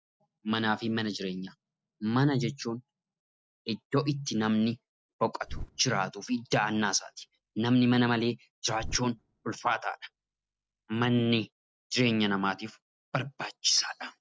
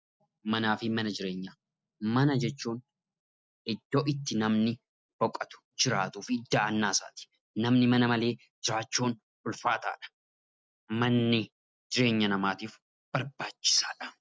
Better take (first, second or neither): second